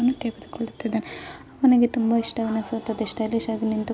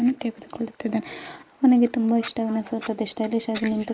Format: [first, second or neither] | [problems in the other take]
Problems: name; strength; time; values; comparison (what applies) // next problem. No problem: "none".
first | noise reduction (neural mask model Resemble Enhance denoiser)